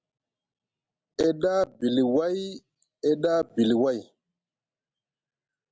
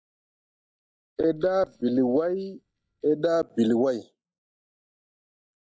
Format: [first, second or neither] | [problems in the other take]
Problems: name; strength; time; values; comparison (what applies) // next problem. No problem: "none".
first | noise reduction (neural mask model DeepFilterNet 3)